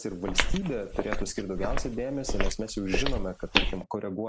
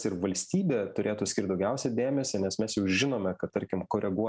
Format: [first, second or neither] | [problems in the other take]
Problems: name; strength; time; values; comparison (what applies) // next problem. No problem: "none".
second | background sound (Walk, footsteps); 4 dB above the speech